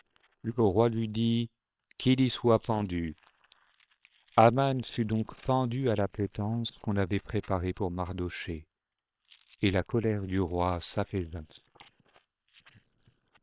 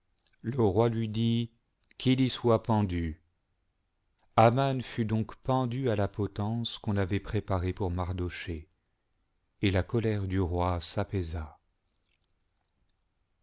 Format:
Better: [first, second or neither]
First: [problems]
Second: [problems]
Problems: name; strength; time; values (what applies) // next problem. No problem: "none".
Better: second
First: noise reduction (neural separator model SepFormer WHAM!)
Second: none